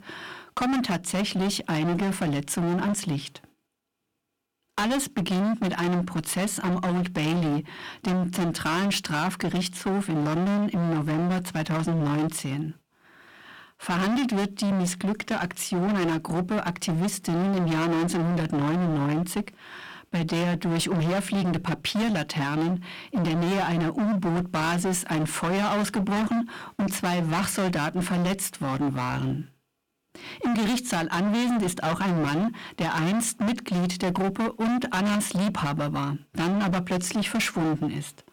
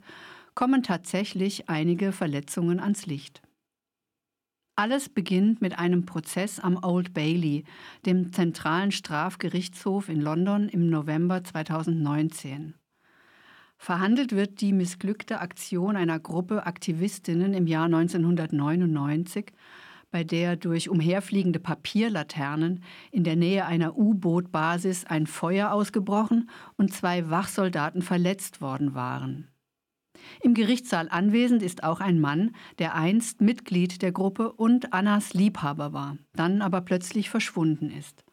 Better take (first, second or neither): second